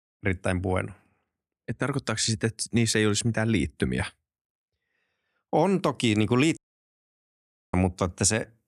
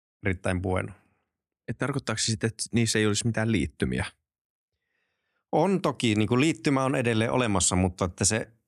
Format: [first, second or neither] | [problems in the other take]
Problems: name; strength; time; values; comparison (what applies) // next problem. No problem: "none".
second | audio cutting out; at 6.5 s for 1 s